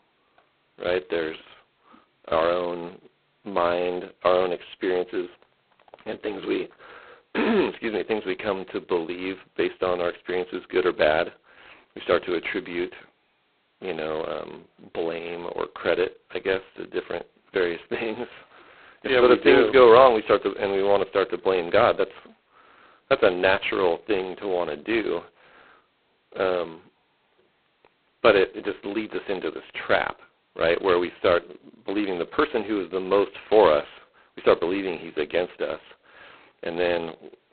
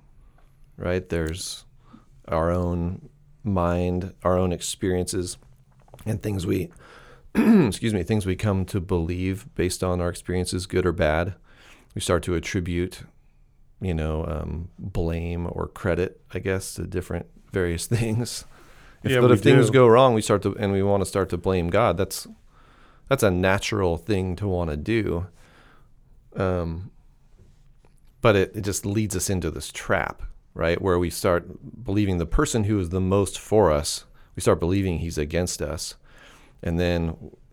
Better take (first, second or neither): second